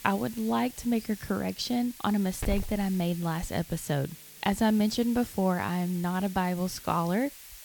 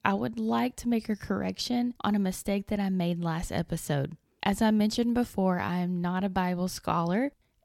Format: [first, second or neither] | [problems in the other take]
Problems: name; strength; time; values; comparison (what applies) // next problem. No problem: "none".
second | hiss; noticeable; throughout; 15 dB below the speech